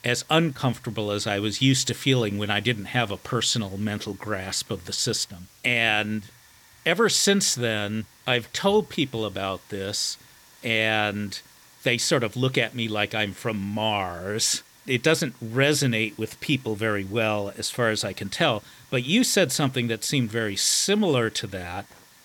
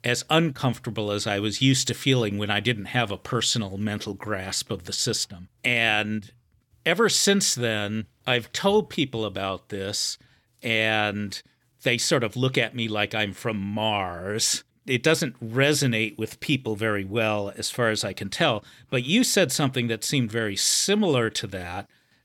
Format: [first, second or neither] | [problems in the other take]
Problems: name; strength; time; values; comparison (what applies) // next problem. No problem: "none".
second | hiss; faint; throughout; 25 dB below the speech